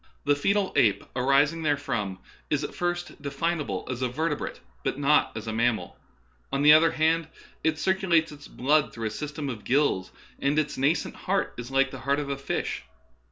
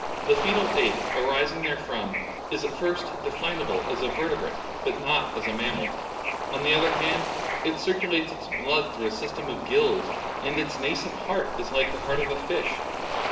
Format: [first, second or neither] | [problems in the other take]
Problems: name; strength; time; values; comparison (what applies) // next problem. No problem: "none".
first | background sound (Bird / Ocean); 3 dB below the speech // room echo; dies away in 0.8 s